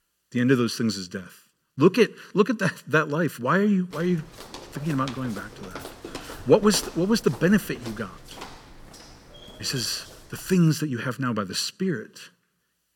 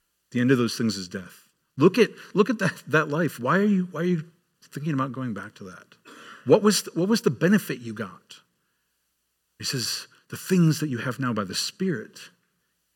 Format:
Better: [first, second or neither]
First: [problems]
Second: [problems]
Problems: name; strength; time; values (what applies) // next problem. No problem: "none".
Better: second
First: footsteps; faint; from 4 to 11 s; peak 10 dB below the speech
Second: none